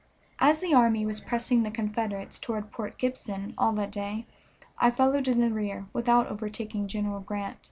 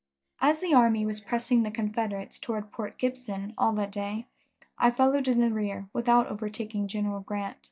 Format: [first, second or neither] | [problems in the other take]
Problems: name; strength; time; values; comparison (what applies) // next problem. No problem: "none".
first | noise reduction (neural mask model DeepFilterNet 3)